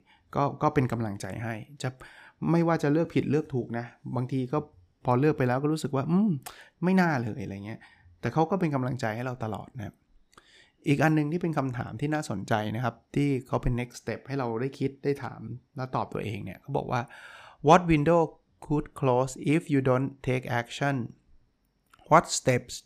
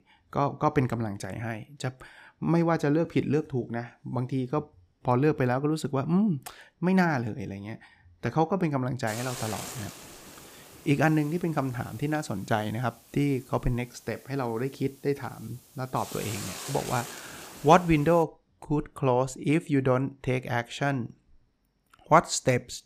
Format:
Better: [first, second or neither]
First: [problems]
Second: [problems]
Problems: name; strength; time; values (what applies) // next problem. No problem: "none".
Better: first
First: none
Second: hiss; noticeable; from 9 to 18 s; 15 dB below the speech